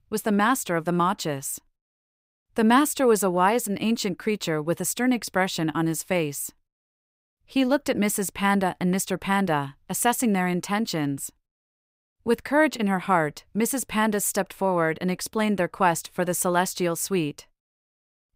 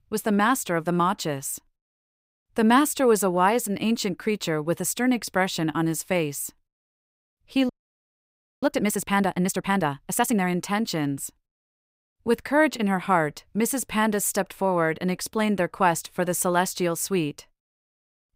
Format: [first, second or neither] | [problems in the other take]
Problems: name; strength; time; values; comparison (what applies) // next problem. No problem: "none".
first | audio freezing; at 7.5 s for 1 s